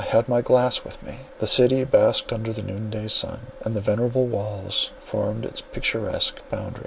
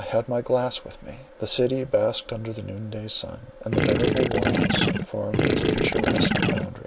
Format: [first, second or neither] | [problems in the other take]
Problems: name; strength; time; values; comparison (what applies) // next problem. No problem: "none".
first | background sound (Gurgling / Liquid); 5 dB above the speech